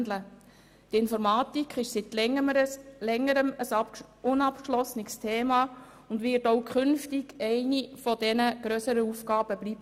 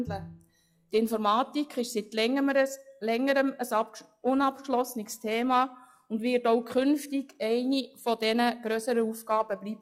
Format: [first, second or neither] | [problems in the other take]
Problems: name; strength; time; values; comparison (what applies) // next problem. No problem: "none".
first | noise reduction (classical method log-MMSE)